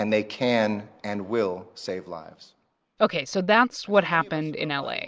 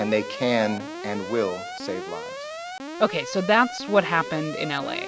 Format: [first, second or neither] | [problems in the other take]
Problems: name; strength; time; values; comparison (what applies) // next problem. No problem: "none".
first | background sound (Alarm); 9 dB below the speech